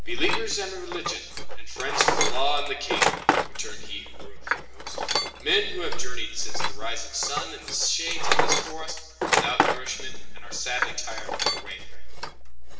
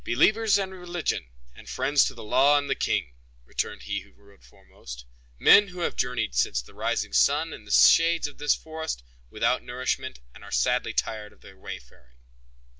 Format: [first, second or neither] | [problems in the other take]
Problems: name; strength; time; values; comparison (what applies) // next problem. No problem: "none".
second | background sound (Tools); 4 dB below the speech // room echo; dies away in 1.1 s